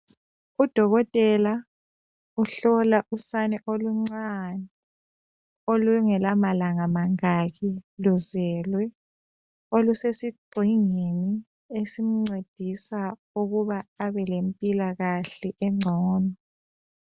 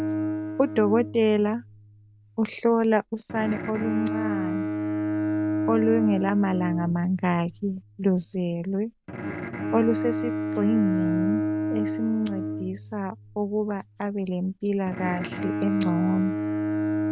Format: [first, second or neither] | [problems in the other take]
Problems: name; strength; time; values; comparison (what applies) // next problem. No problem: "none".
first | background sound (Bowed string instrument); 3 dB below the speech